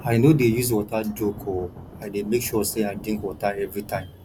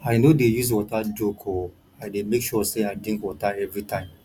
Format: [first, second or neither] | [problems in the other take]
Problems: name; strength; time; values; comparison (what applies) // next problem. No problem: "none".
second | background sound (Thunder); 17 dB below the speech